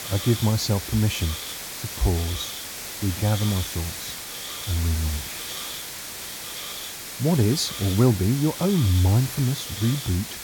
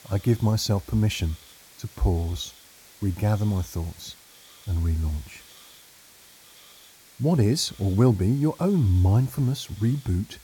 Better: second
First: hiss; loud; throughout; 7 dB below the speech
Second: hiss; faint; throughout; 25 dB below the speech

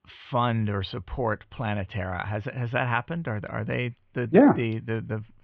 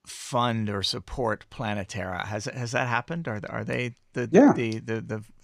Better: second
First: muffled; very; fading above 3 kHz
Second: none

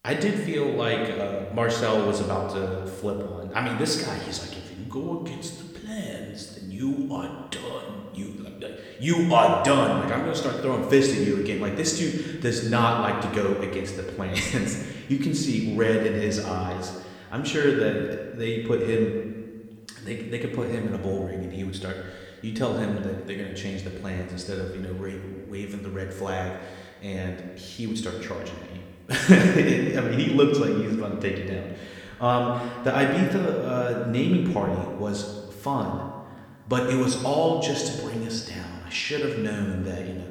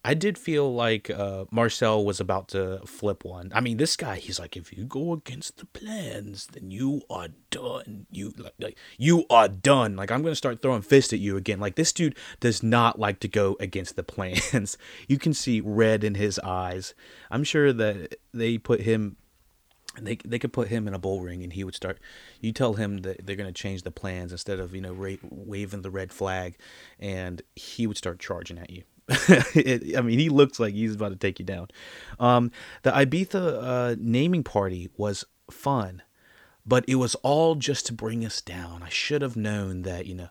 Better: second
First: room echo; noticeable; dies away in 1.2 s // off-mic speech; somewhat distant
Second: none

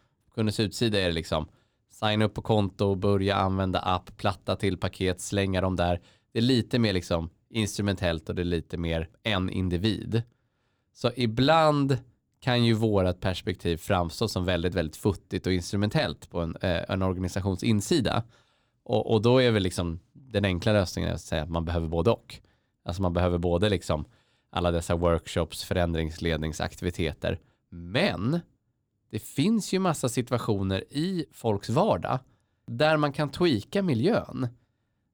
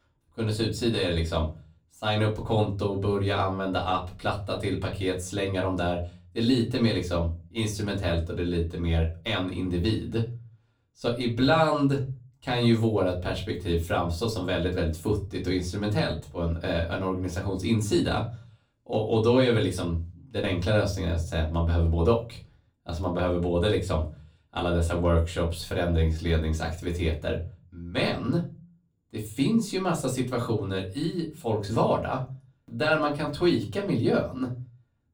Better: first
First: none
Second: off-mic speech; far // room echo; very slight; dies away in 0.3 s

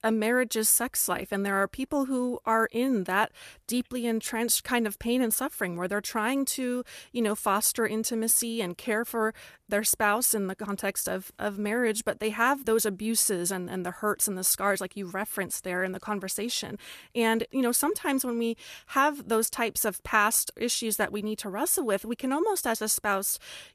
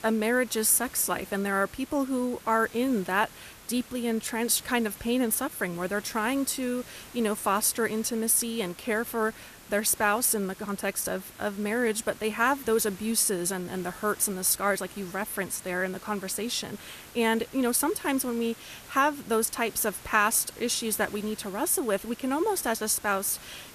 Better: first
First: none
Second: hiss; noticeable; throughout; 20 dB below the speech

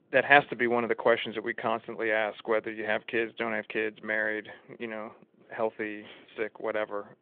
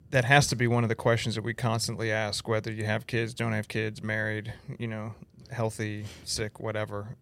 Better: second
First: phone-call audio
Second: none

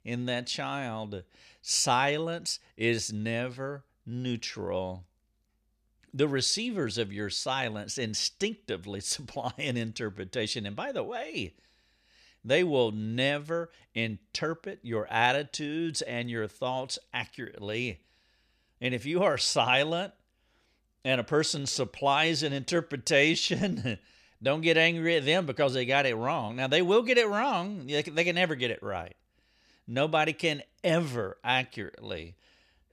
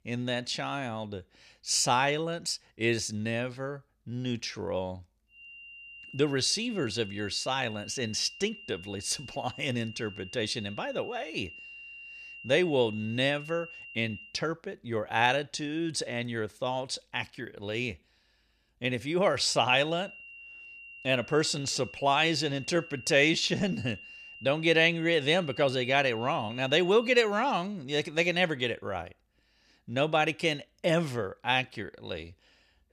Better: first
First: none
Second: high-pitched whine; noticeable; from 5.5 to 14 s and from 20 to 27 s; 3 kHz, 15 dB below the speech

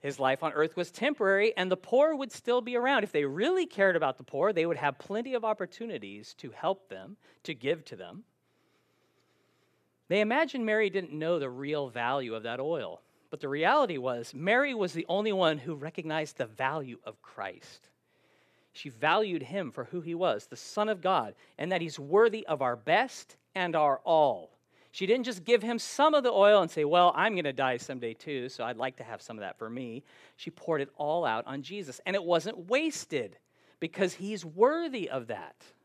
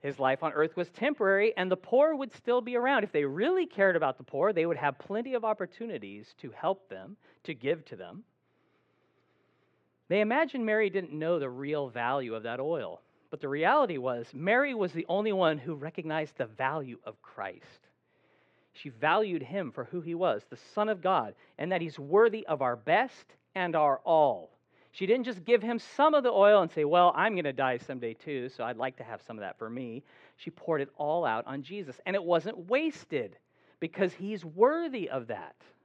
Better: first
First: none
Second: muffled; slightly; fading above 2.5 kHz

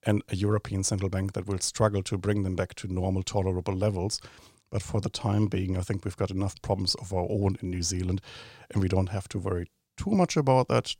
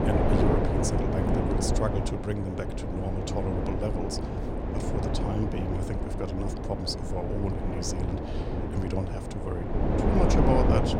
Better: first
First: none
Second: wind noise on the microphone; heavy; 3 dB above the speech

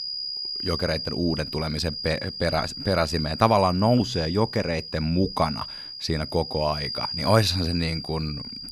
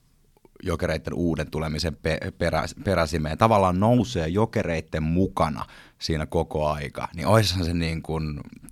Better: second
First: high-pitched whine; loud; throughout; 5 kHz, 6 dB below the speech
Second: none

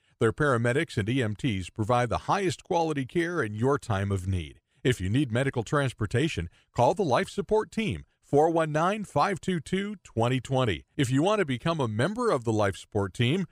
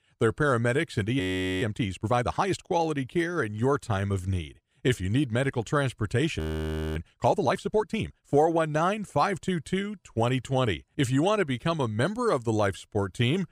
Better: first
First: none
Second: audio freezing; at 1 s and at 6.5 s for 0.5 s

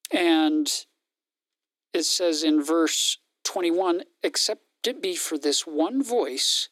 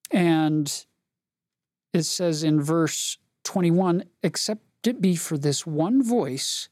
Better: second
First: thin; somewhat; fading below 300 Hz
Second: none

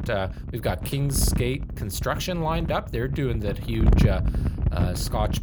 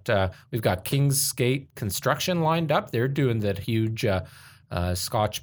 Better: second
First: wind noise on the microphone; heavy; 8 dB below the speech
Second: none

